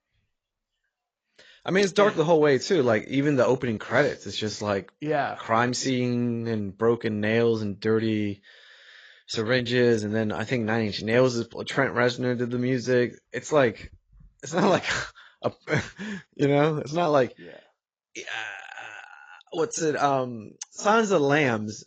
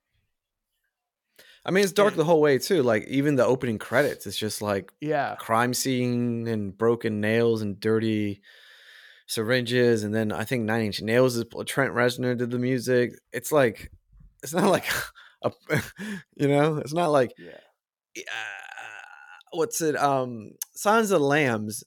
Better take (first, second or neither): second